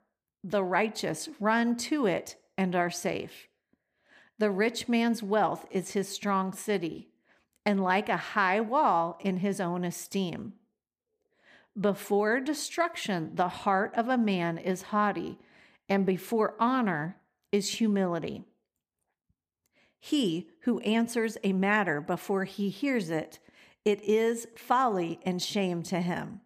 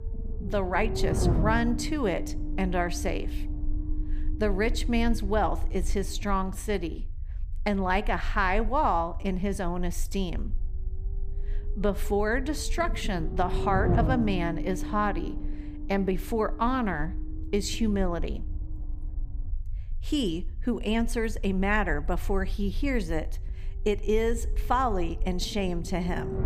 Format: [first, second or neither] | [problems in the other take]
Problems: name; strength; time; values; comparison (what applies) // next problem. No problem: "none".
first | low rumble; noticeable; throughout; 10 dB below the speech